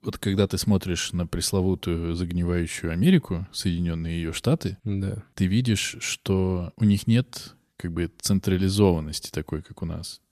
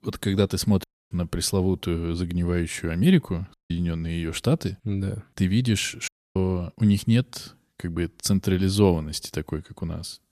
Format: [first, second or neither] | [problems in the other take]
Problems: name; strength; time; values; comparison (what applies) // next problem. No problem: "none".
first | audio cutting out; at 1 s, at 3.5 s and at 6 s